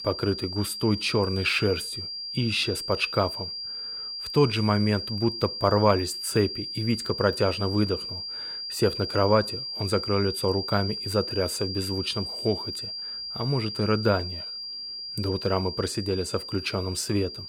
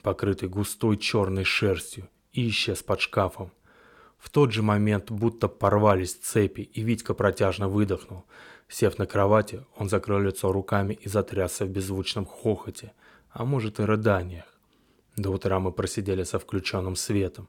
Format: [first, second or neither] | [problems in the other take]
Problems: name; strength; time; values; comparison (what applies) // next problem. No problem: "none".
second | high-pitched whine; loud; throughout; 4.5 kHz, 6 dB below the speech